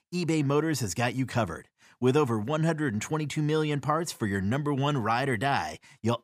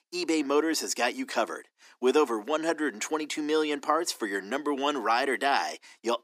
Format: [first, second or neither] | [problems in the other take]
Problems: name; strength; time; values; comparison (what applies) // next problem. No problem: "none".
first | thin; somewhat; fading below 300 Hz